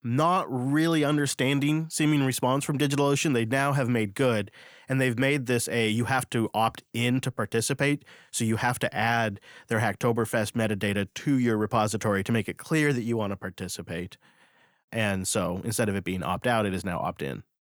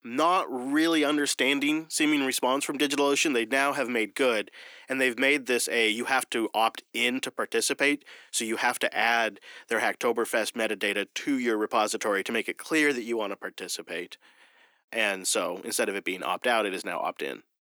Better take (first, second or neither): first